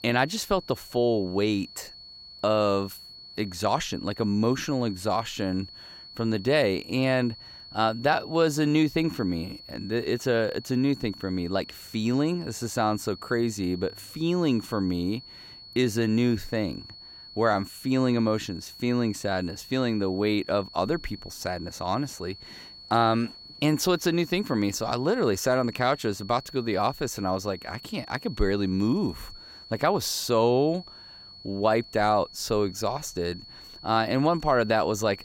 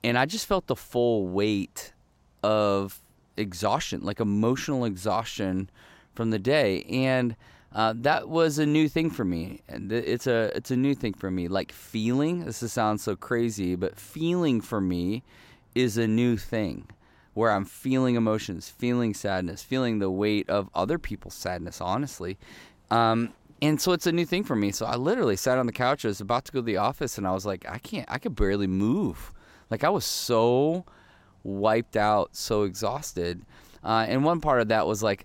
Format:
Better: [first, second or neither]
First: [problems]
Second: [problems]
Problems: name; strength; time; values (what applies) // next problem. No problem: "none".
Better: second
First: high-pitched whine; noticeable; throughout; 4.5 kHz, 15 dB below the speech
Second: none